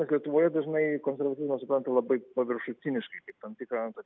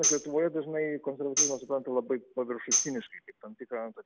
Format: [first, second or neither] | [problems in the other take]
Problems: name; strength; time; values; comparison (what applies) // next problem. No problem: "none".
first | background sound (Tambourine); 1 dB below the speech